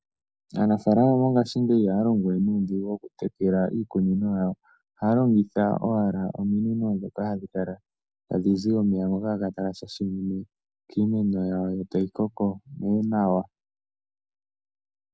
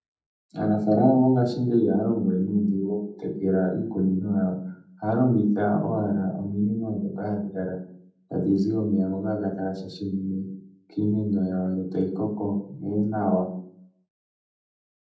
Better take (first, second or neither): first